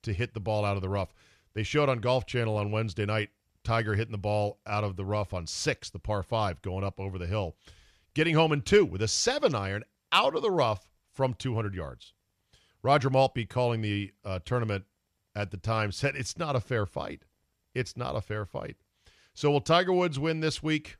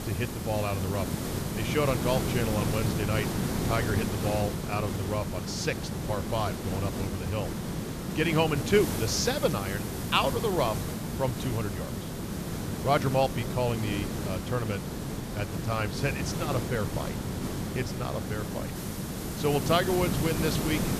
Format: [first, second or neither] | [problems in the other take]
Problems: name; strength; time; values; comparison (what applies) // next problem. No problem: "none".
first | hiss; loud; throughout; 2 dB below the speech